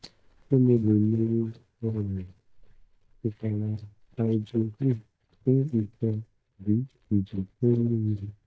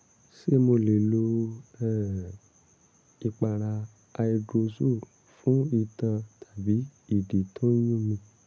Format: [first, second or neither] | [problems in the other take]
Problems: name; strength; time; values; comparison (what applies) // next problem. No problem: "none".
second | noise reduction (neural mask model DeepFilterNet 3)